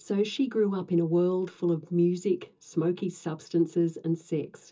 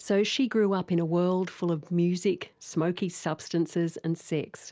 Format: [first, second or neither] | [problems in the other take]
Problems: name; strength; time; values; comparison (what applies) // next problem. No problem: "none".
second | room echo; dies away in 0.2 s